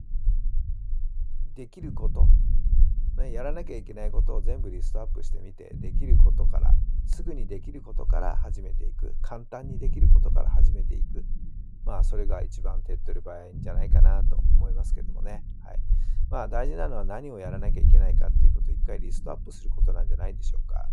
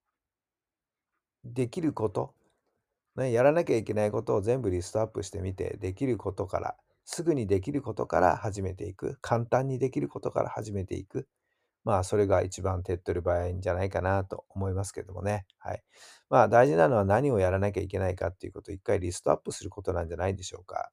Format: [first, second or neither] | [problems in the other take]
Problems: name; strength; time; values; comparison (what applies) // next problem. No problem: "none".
second | low rumble; loud; throughout; 9 dB below the speech